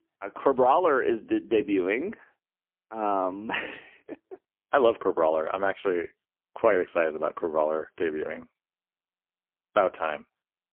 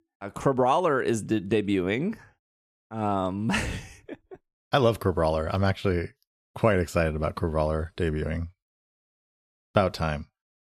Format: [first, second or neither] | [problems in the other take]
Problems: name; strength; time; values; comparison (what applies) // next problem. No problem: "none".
second | phone-call audio; poor line; nothing above 3 kHz